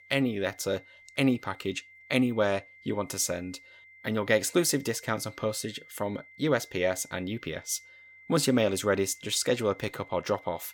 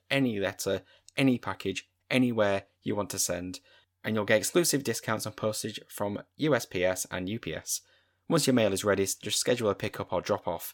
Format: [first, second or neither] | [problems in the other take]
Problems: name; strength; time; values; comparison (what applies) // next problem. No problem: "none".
second | high-pitched whine; faint; throughout; 2 kHz, 20 dB below the speech